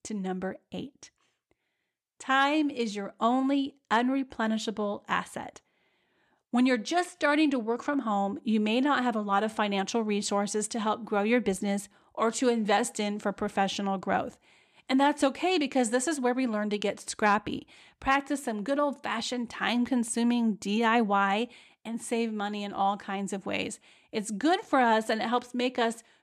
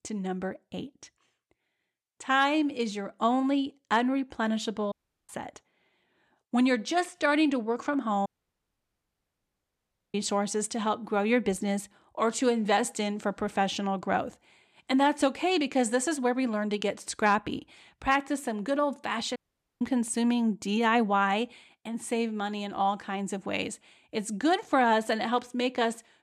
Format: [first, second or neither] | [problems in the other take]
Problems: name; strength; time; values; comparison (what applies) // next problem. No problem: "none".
first | audio cutting out; at 5 s, at 8.5 s for 2 s and at 19 s